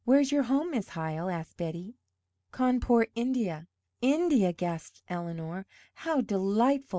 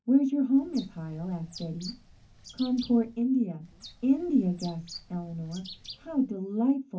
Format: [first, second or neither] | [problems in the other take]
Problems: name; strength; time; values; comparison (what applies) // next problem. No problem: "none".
first | background sound (Bird); 19 dB below the speech // room echo; dies away in 0.3 s